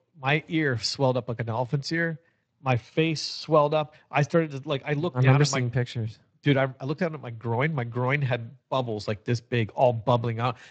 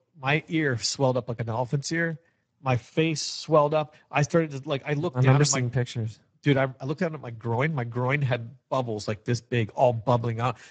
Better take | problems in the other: first | garbled, watery; badly; nothing above 7.5 kHz; slightly in the first

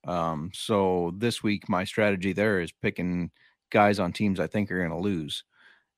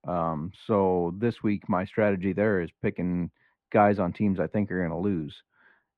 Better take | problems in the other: first | muffled; very; fading above 3.5 kHz

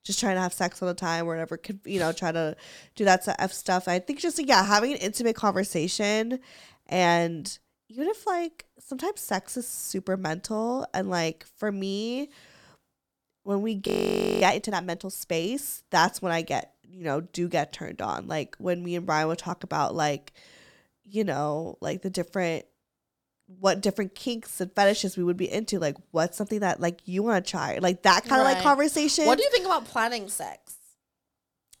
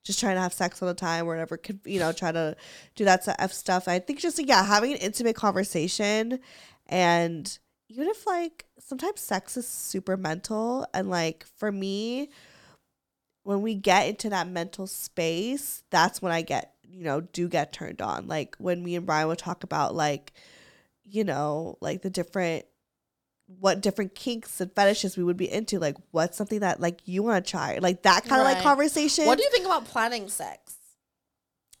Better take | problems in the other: second | audio freezing; at 14 s for 0.5 s

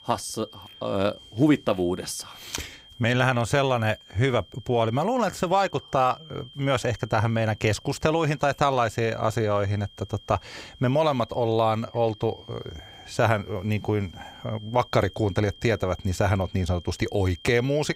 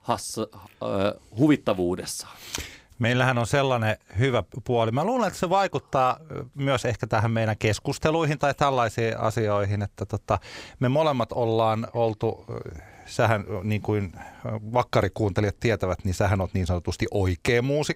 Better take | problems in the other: second | high-pitched whine; faint; throughout; 3 kHz, 20 dB below the speech

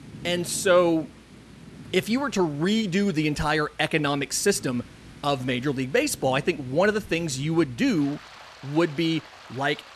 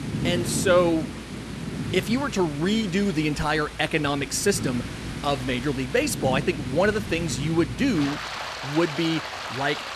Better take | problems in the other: first | rain or running water; loud; throughout; 8 dB below the speech; faint in the first

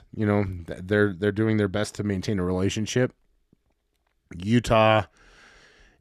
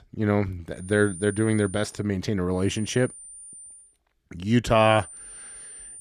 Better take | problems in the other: first | high-pitched whine; noticeable; from 1 to 2 s, from 2.5 to 4 s and from 5 s on; 9 kHz, 15 dB below the speech

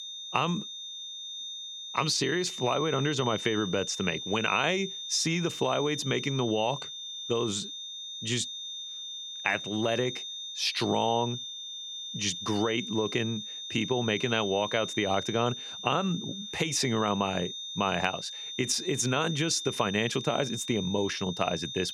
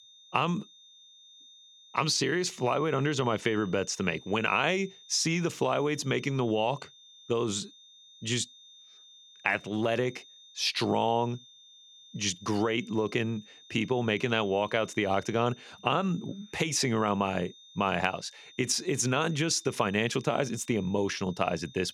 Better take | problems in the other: second | high-pitched whine; loud; throughout; 3.5 kHz, 7 dB below the speech; faint in the second

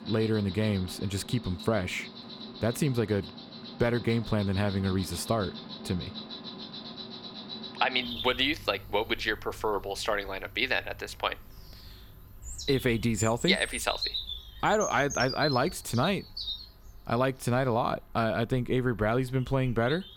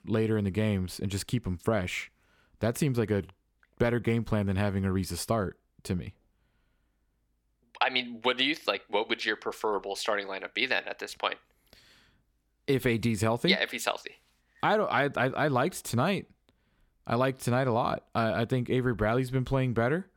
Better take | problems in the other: second | animal sounds; noticeable; throughout; 10 dB below the speech

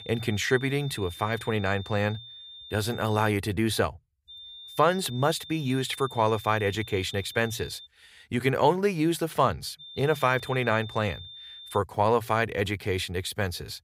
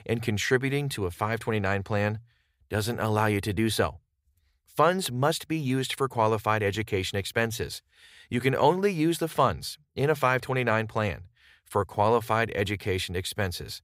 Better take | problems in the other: second | high-pitched whine; noticeable; until 3.5 s, from 4.5 to 8 s and from 10 to 12 s; 3.5 kHz, 15 dB below the speech

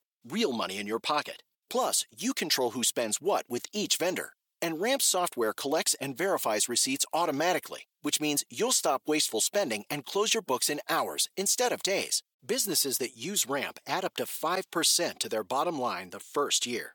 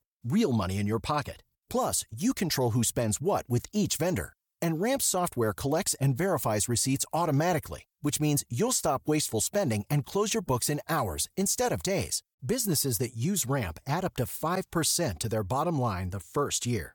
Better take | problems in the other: second | thin; somewhat; fading below 300 Hz

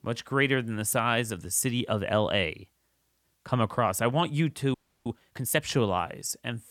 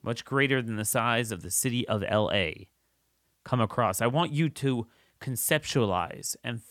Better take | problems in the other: second | audio freezing; at 4.5 s

